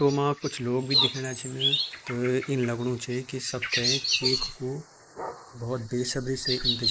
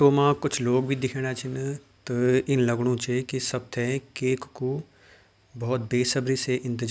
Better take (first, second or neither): second